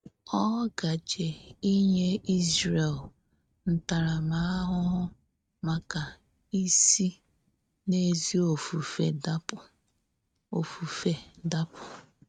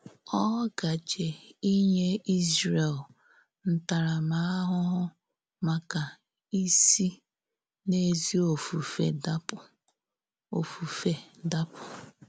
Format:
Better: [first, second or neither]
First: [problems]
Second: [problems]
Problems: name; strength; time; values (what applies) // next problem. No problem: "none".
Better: second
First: noise reduction (neural mask model RNNoise)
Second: none